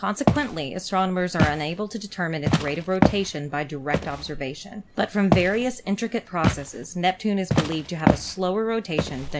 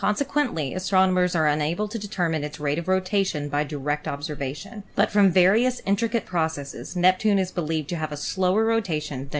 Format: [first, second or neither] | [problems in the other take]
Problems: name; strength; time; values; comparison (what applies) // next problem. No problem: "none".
second | background sound (Walk, footsteps); 1 dB below the speech